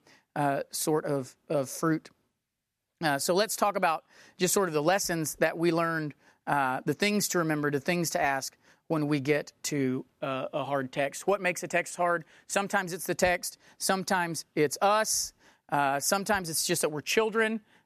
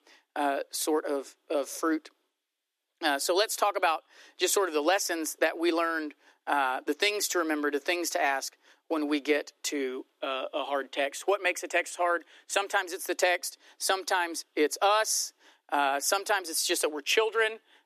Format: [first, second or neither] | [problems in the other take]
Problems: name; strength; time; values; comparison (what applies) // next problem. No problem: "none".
first | thin; very slightly; fading below 300 Hz